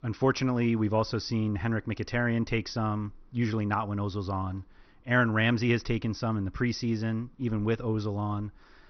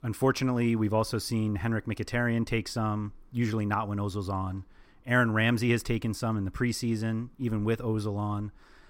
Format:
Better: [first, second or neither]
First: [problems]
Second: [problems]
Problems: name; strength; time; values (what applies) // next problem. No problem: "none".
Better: second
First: garbled, watery; slightly; nothing above 6 kHz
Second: none